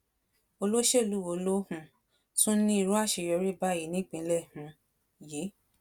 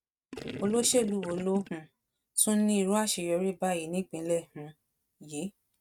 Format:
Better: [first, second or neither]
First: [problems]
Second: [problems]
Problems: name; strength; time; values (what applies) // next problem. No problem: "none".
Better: first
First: none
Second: noise reduction (neural mask model RNNoise)